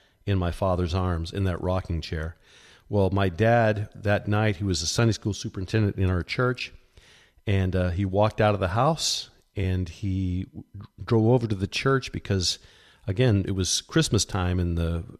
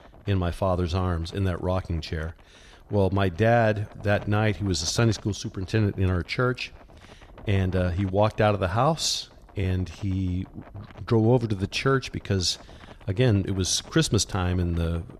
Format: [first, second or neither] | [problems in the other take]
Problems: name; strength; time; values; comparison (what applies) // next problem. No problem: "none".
first | wind noise on the microphone; occasional gusts; 25 dB below the speech